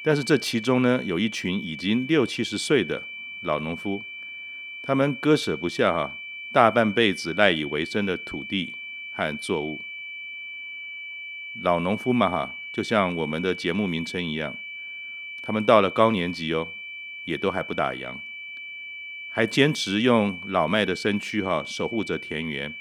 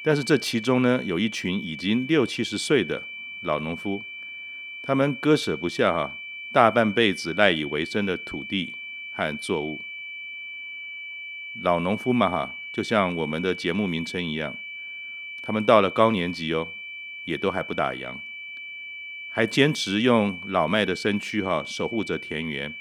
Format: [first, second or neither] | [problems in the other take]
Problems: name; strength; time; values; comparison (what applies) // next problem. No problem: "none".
neither | high-pitched whine; noticeable; throughout; 2.5 kHz, 10 dB below the speech; the same in both